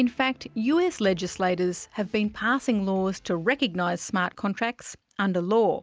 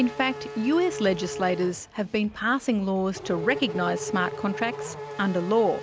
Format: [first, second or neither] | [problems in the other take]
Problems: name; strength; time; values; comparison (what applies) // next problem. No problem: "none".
first | background sound (Race car, auto racing / Accelerating, revving, vroom); 10 dB below the speech